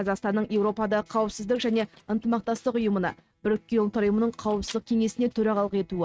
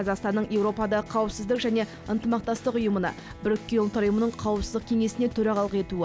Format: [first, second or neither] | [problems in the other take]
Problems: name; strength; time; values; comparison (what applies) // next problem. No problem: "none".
second | noise reduction (neural mask model RNNoise)